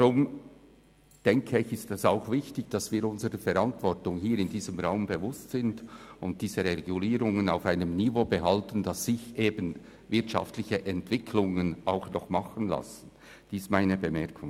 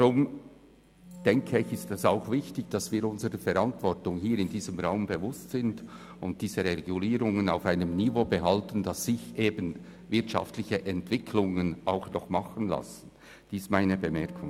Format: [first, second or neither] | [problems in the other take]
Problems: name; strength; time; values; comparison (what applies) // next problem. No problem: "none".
first | background sound (Wind instrument, woodwind instrument); 19 dB below the speech